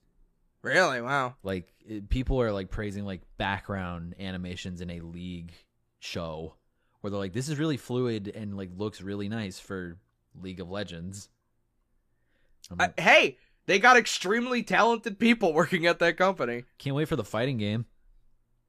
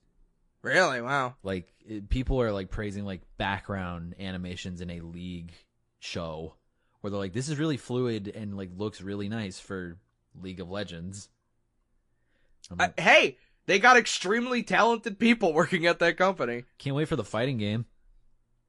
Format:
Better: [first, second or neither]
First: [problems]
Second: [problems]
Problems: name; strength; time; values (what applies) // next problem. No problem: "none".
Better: first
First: none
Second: garbled, watery; slightly; nothing above 11 kHz